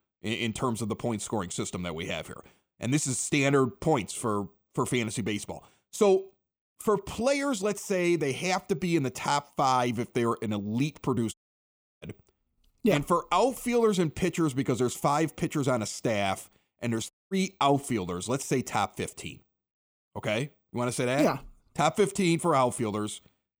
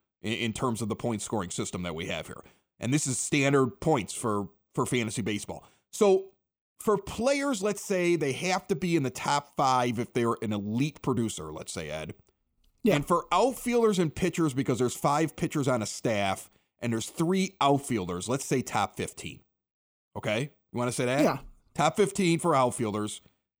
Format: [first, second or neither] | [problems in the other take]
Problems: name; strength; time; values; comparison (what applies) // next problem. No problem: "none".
second | audio cutting out; at 11 s for 0.5 s and at 17 s